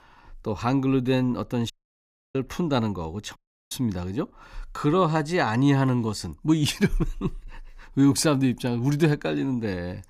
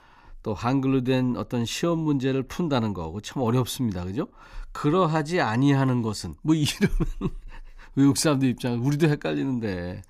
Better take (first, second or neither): second